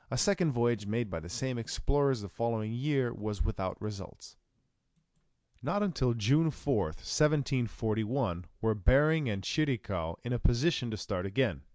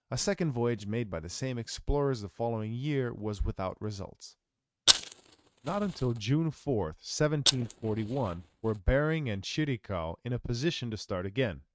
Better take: first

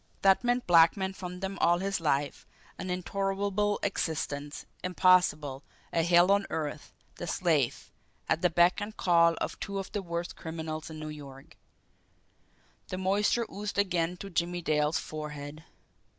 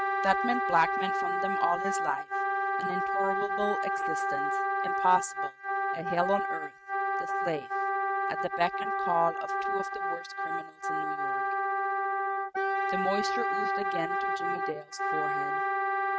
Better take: first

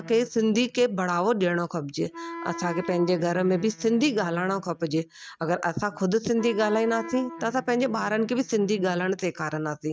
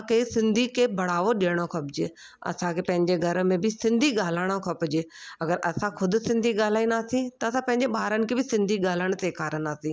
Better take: second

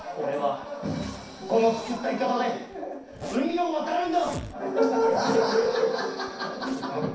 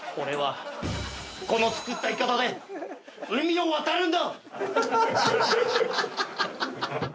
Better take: second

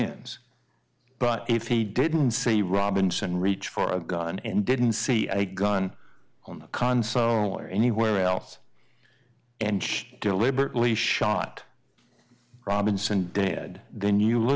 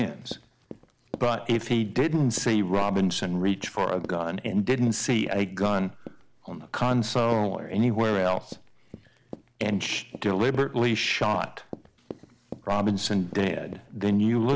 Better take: first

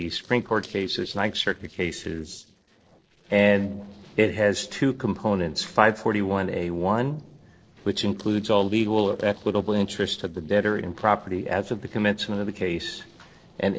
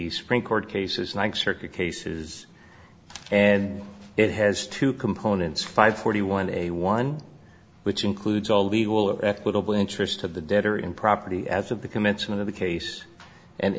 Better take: second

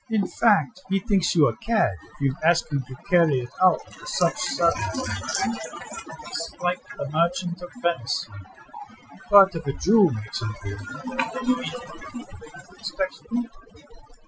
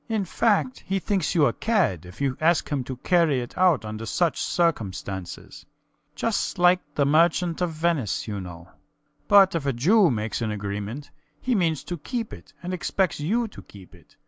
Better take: second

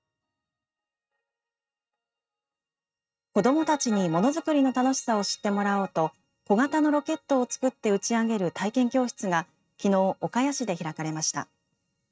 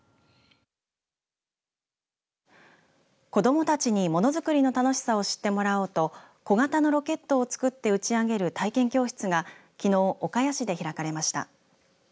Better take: second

